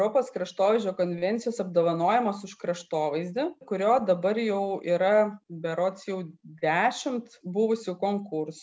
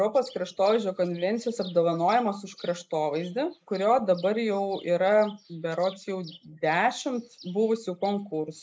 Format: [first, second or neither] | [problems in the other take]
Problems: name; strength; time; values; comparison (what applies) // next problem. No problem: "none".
first | noise reduction (neural mask model Resemble Enhance denoiser)